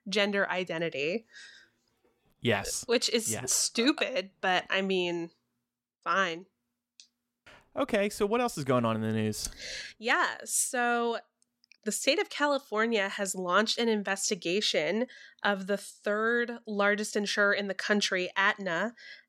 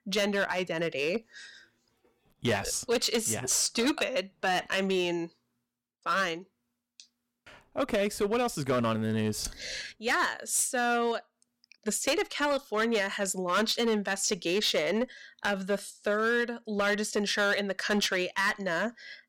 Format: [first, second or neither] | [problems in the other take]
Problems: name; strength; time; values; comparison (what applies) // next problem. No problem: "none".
first | distortion; slight; 6% of the sound clipped